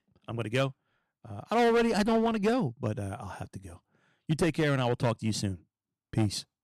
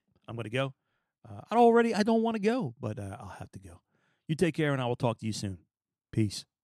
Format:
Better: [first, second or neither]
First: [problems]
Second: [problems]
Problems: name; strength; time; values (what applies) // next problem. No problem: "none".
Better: second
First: distortion; heavy; 8% of the sound clipped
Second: none